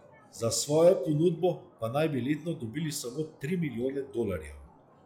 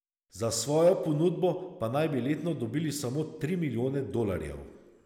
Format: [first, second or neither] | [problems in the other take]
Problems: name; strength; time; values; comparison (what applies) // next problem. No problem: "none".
second | noise reduction (classical method log-MMSE)